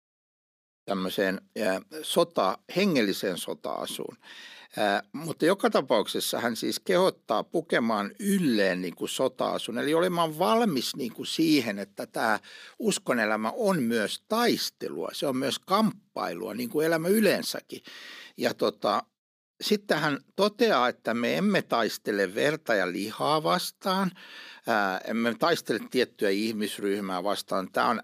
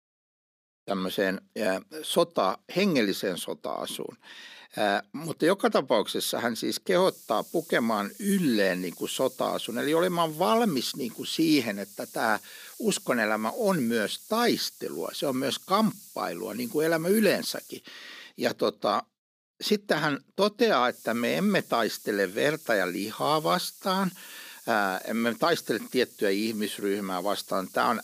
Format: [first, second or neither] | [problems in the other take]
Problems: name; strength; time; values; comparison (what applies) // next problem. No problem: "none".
first | hiss; noticeable; from 7 to 18 s and from 21 s on; 20 dB below the speech